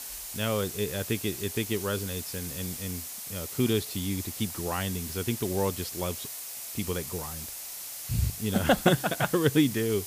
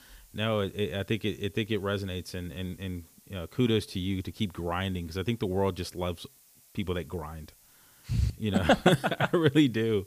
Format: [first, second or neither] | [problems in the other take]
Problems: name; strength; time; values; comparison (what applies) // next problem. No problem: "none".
second | hiss; loud; throughout; 6 dB below the speech; faint in the second